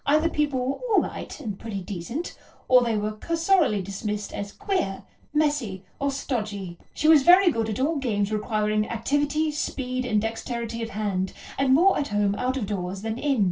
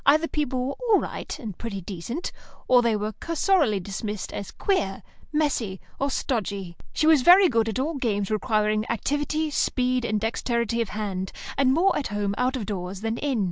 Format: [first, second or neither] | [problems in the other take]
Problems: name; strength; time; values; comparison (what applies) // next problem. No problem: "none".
second | noise reduction (neural separator model SepFormer DNS4)